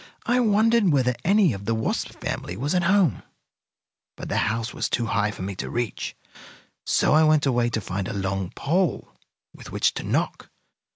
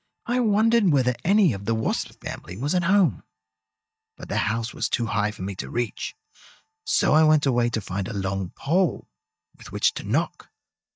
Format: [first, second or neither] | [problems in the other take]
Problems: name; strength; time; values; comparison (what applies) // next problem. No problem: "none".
first | noise reduction (neural mask model DeepFilterNet 3)